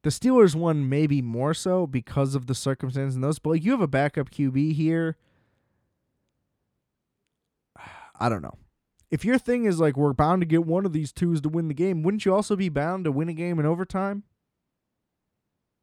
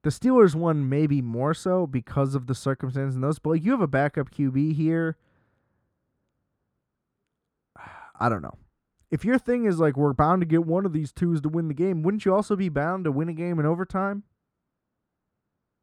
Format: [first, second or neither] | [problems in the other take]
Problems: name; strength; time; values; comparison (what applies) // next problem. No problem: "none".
first | muffled; very slightly; fading above 1.5 kHz